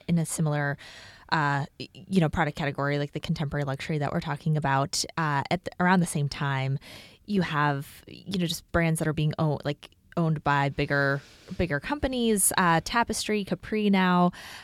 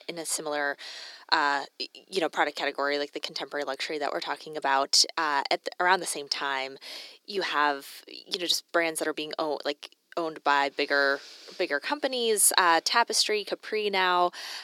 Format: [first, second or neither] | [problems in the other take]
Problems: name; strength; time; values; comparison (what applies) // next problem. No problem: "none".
first | thin; very; fading below 300 Hz